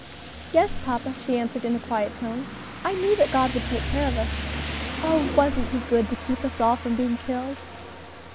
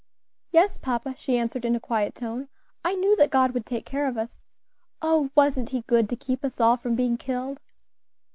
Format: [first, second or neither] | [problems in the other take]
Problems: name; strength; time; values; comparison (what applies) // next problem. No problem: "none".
second | background sound (Rain); 7 dB below the speech